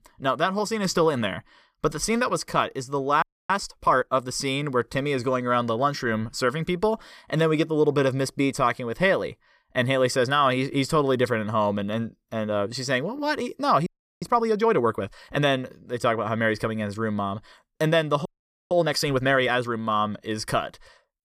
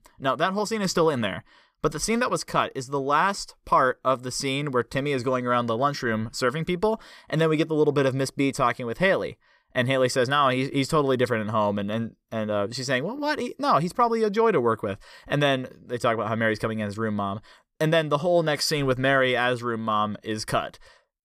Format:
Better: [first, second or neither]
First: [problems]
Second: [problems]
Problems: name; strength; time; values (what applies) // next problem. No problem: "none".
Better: second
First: audio freezing; at 3 s, at 14 s and at 18 s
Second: none